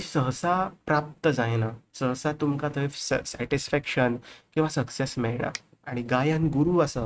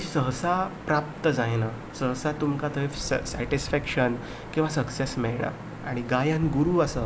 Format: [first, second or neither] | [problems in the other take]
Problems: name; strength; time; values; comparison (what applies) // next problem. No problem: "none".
second | noise reduction (neural mask model RNNoise)